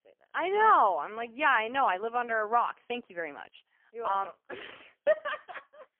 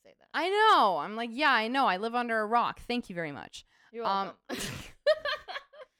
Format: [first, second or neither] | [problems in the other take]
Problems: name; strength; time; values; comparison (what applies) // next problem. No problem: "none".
second | phone-call audio; poor line; nothing above 3 kHz